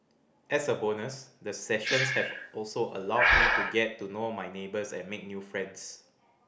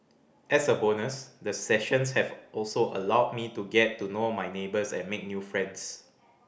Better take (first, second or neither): second